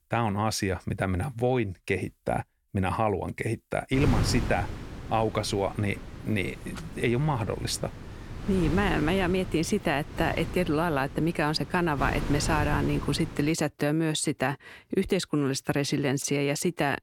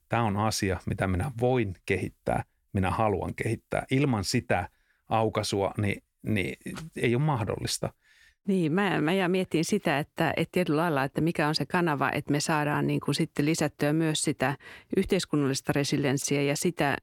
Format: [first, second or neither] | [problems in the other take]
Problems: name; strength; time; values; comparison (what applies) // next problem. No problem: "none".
second | wind noise on the microphone; occasional gusts; from 4 to 14 s; 10 dB below the speech